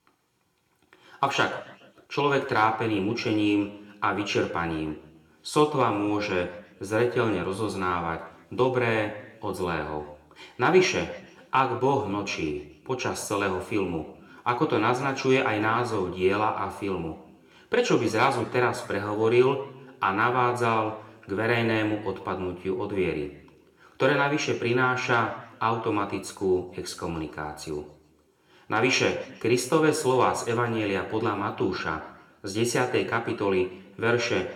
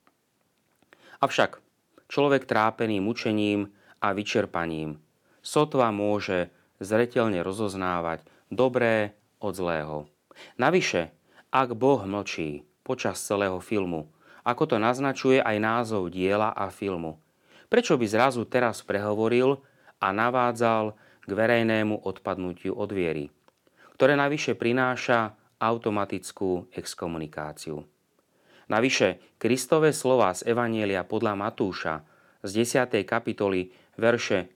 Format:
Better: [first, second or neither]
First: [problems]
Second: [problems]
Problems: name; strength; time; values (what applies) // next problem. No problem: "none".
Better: second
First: room echo; slight; dies away in 0.6 s // off-mic speech; somewhat distant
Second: none